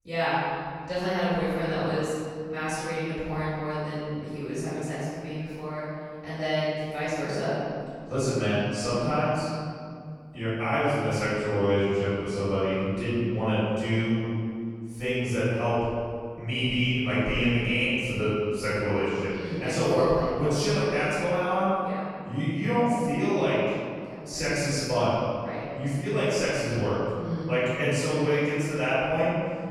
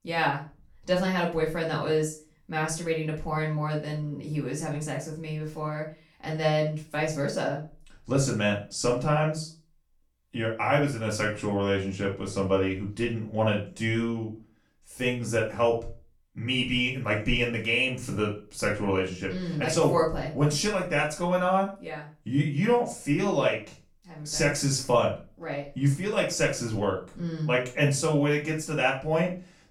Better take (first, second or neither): second